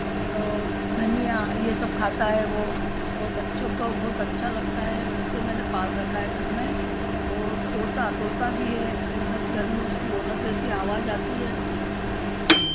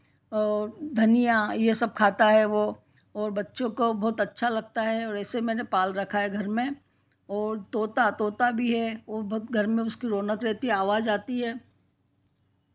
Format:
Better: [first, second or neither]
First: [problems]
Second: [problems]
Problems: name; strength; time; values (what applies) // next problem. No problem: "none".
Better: second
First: background sound (Microwave oven); 4 dB above the speech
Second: none